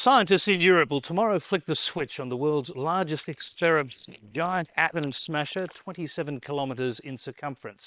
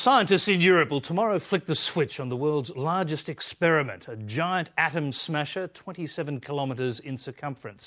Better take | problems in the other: second | noise reduction (neural separator model SepFormer WHAM!)

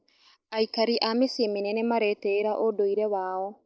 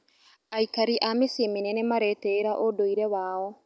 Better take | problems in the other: second | noise reduction (neural mask model Resemble Enhance denoiser)

